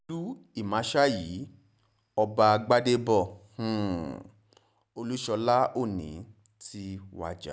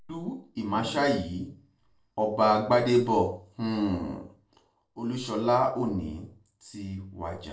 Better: first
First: none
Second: noise reduction (neural separator model SepFormer DNS4)

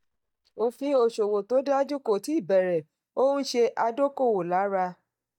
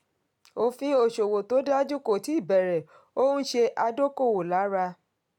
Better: second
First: noise reduction (neural mask model DeepFilterNet 3)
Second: none

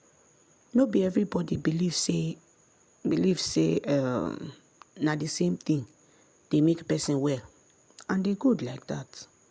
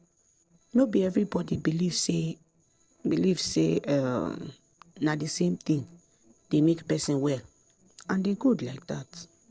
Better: first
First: none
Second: noise reduction (neural separator model SepFormer DNS4)

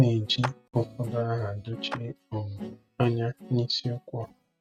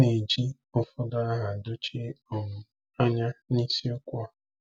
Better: second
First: noise reduction (neural mask model RNNoise)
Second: none

